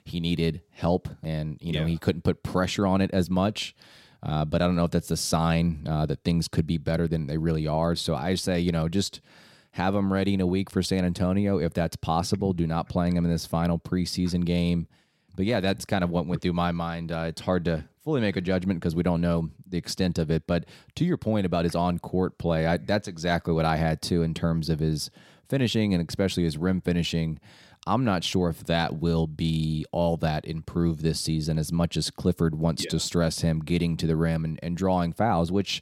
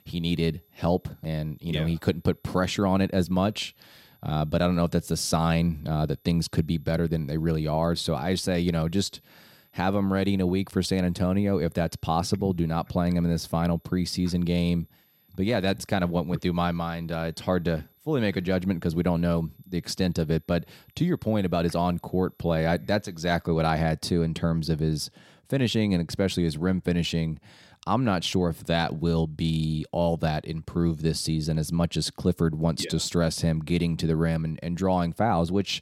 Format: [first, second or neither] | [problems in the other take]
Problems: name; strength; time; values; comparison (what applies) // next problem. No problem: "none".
first | high-pitched whine; faint; until 23 s; 12 kHz, 35 dB below the speech